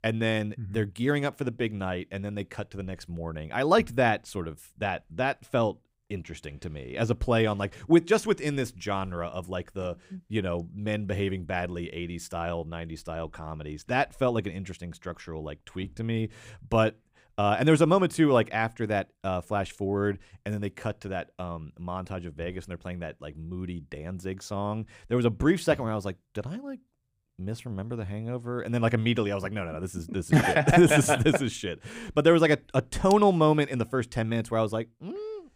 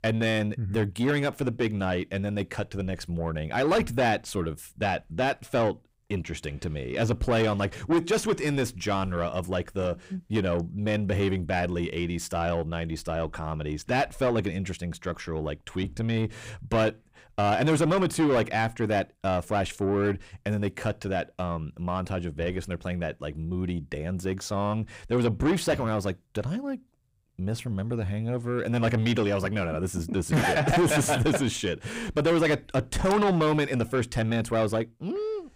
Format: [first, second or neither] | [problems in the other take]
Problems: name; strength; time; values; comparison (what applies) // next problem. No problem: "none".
first | distortion; heavy; 6 dB below the speech